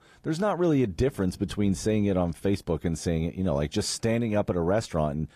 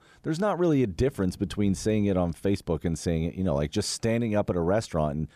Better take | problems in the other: second | garbled, watery; slightly; nothing above 14.5 kHz

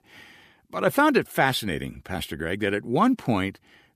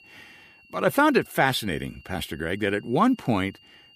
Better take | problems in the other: first | high-pitched whine; faint; throughout; 3 kHz, 25 dB below the speech

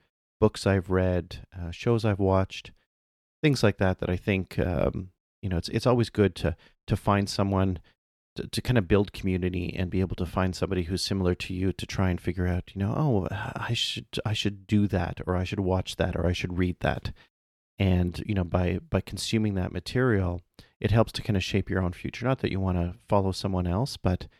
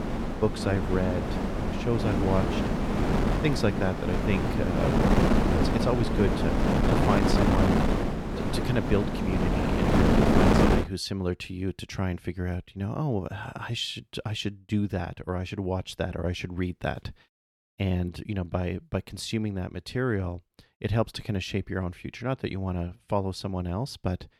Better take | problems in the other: first | wind noise on the microphone; heavy; until 11 s; 4 dB above the speech

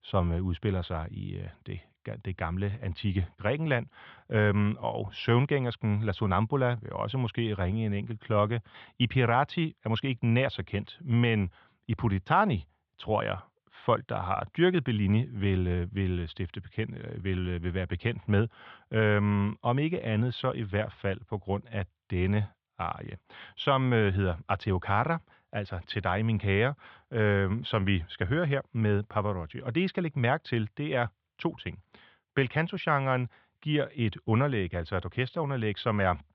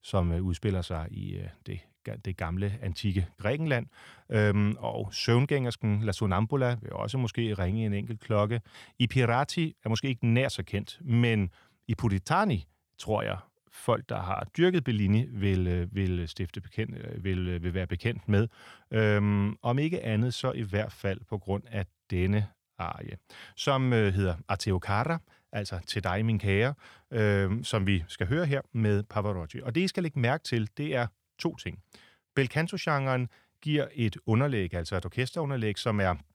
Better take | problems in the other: second | muffled; very; fading above 3.5 kHz

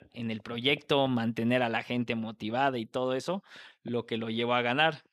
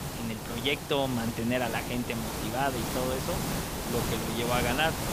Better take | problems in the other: first | hiss; loud; throughout; 2 dB below the speech

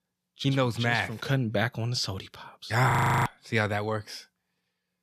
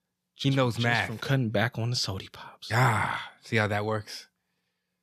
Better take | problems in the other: second | audio freezing; at 3 s

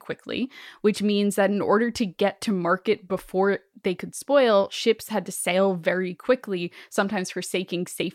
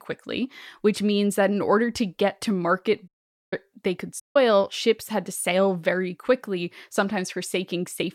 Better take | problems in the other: first | audio cutting out; at 3 s and at 4 s

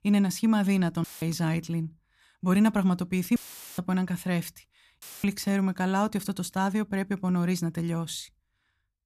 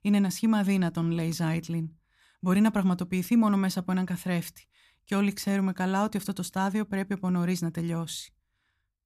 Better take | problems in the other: second | audio cutting out; filled with static; at 1 s, at 3.5 s and at 5 s

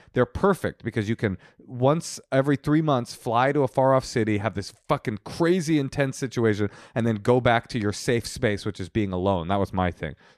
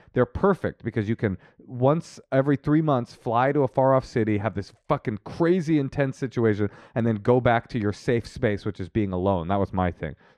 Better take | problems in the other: first | muffled; slightly; fading above 2 kHz

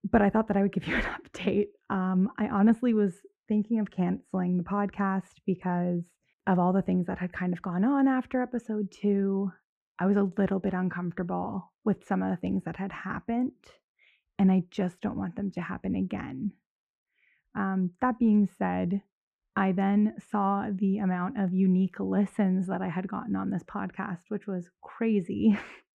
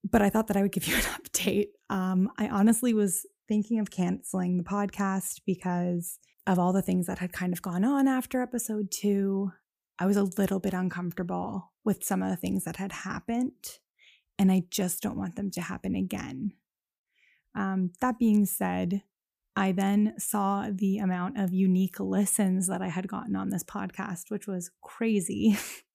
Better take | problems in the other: second | muffled; very; fading above 1.5 kHz

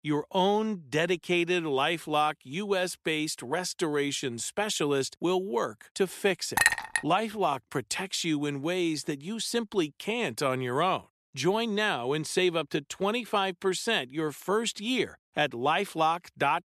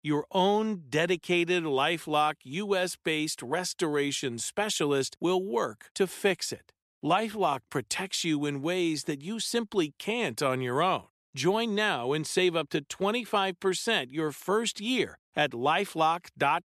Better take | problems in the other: second | clattering dishes; loud; at 6.5 s; peak 5 dB above the speech

